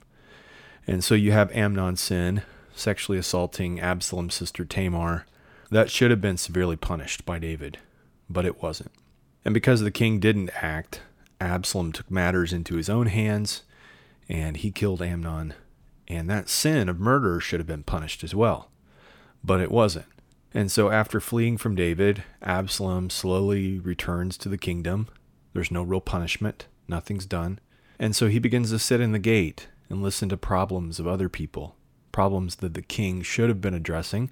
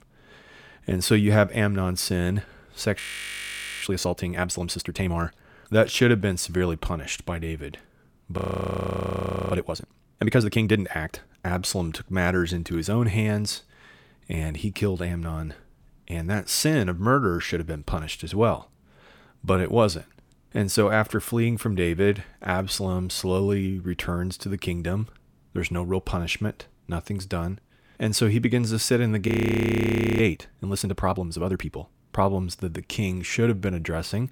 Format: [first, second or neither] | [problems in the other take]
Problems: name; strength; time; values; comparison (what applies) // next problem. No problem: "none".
first | audio freezing; at 3 s for 1 s, at 8.5 s for 1 s and at 29 s for 1 s